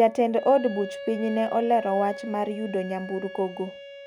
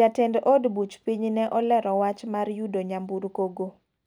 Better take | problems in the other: second | background sound (Wind instrument, woodwind instrument); 13 dB below the speech

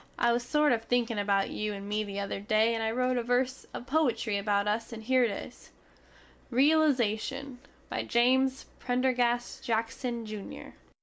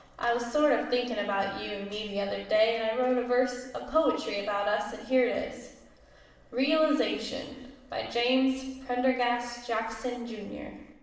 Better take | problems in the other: first | room echo; dies away in 0.9 s

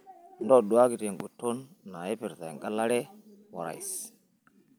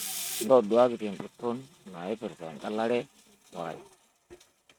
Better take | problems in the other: first | noise reduction (neural mask model RNNoise)

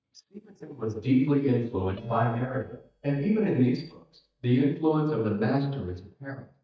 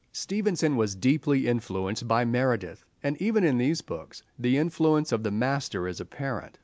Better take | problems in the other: second | noise reduction (neural mask model DeepFilterNet 3)

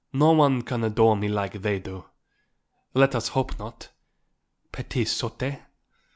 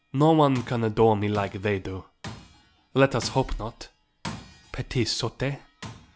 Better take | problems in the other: first | background sound (Tools); 18 dB below the speech

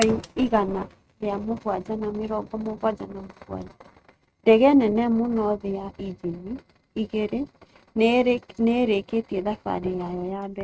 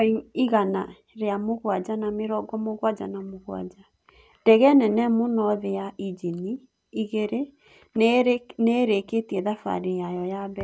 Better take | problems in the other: second | noise reduction (neural mask model RNNoise)

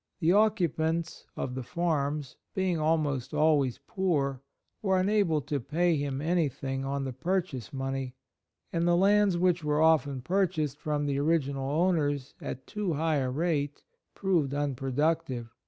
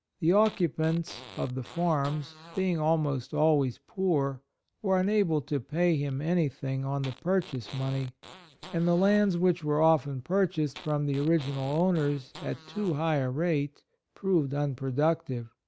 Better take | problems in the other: first | background sound (Fart); 20 dB below the speech

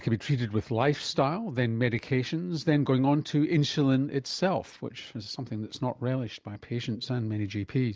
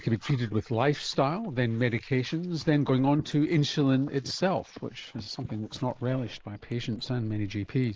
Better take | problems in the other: first | noise reduction (neural mask model Resemble Enhance denoiser)

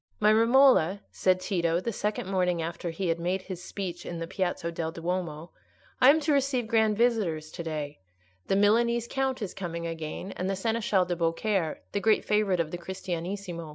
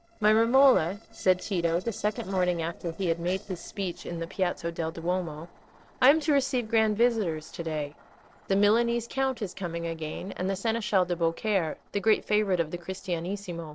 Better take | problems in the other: first | noise reduction (neural separator model SepFormer DNS4)

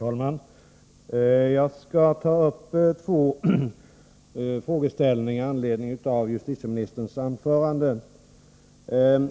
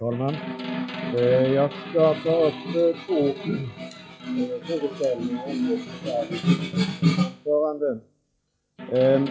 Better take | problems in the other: first | noise reduction (classical method log-MMSE)

